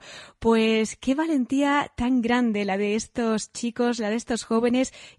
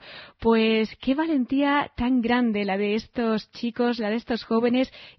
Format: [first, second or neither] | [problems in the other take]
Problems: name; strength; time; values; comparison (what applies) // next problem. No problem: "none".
first | garbled, watery; badly; nothing above 5.5 kHz; slightly in the first